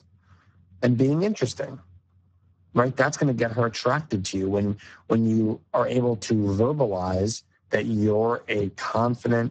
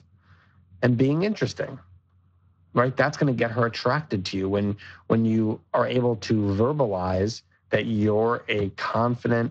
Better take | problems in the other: second | garbled, watery; badly; nothing above 8 kHz; slightly in the second

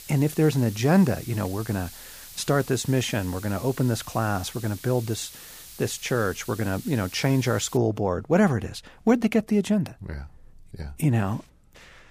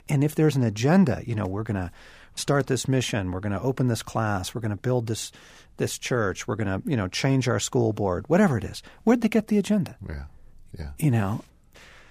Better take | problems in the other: second | hiss; noticeable; until 8 s; 15 dB below the speech

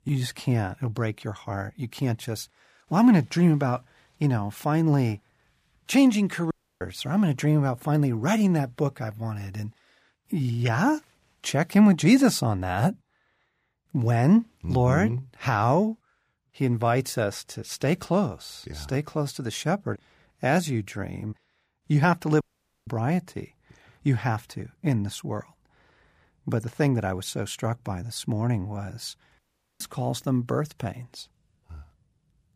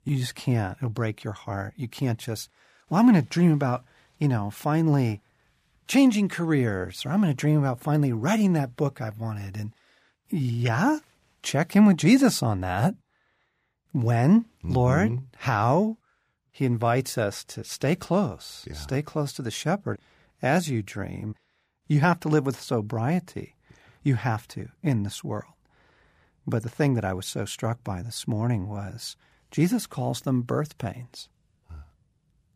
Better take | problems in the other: second | audio cutting out; at 6.5 s, at 22 s and at 29 s

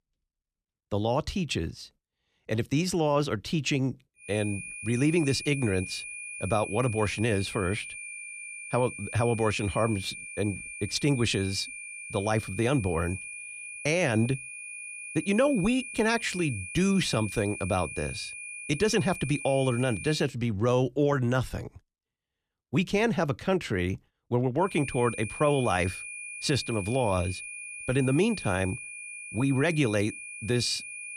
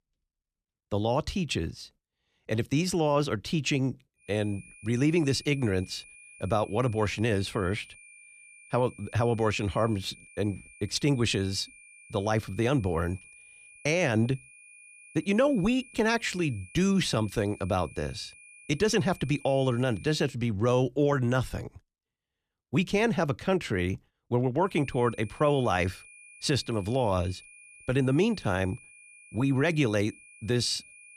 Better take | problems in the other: second | high-pitched whine; loud; from 4.5 to 20 s and from 25 s on; 2.5 kHz, 10 dB below the speech; faint in the second

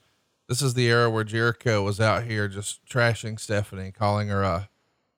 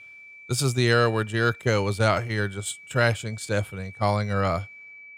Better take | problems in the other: first | high-pitched whine; noticeable; throughout; 2.5 kHz, 20 dB below the speech

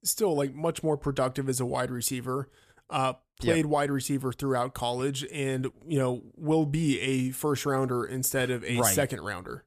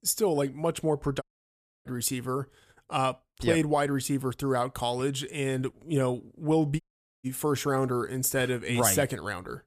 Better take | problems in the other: first | audio cutting out; at 1 s for 0.5 s and at 7 s

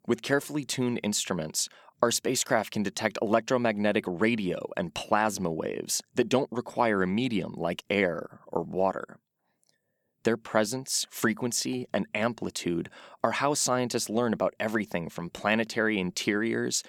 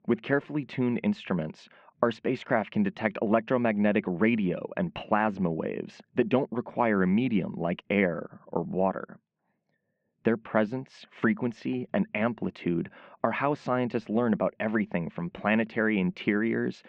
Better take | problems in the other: first | muffled; very; fading above 2.5 kHz

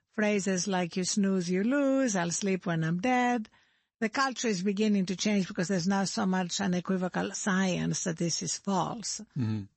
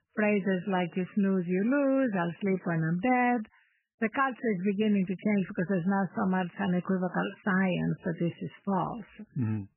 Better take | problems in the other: first | garbled, watery; badly; nothing above 3 kHz; slightly in the first

